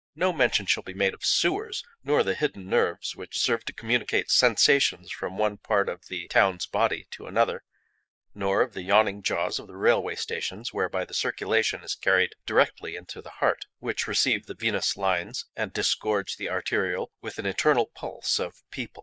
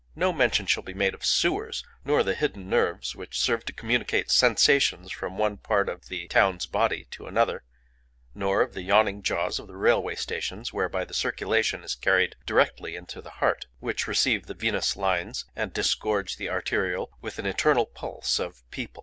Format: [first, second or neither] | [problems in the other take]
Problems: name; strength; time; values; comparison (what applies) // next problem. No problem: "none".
second | noise reduction (neural mask model Resemble Enhance denoiser)